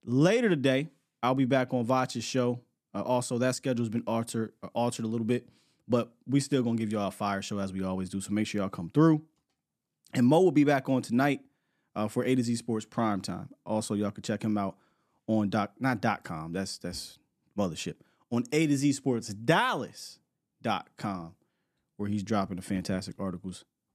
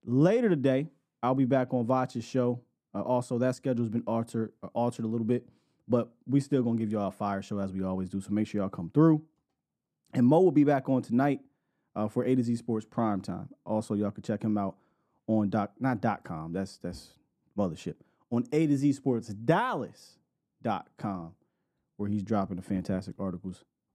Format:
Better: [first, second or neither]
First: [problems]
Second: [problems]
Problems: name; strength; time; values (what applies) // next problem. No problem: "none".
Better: first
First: none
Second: muffled; slightly; fading above 1.5 kHz